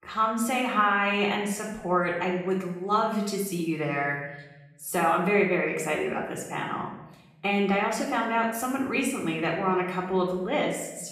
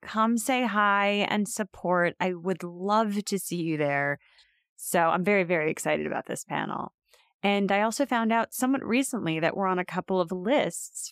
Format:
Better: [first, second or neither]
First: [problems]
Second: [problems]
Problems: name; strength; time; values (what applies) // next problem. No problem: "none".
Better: second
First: room echo; noticeable; dies away in 0.9 s // off-mic speech; far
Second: none